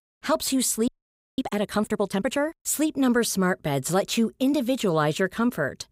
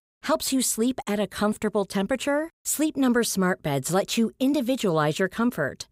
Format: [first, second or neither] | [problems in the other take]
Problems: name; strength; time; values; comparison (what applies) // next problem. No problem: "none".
second | audio freezing; at 1 s